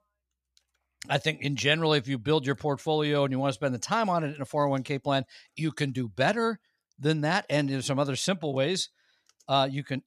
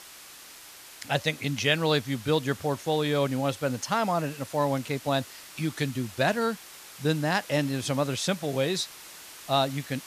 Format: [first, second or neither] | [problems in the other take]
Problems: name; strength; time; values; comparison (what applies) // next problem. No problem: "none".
first | hiss; noticeable; throughout; 15 dB below the speech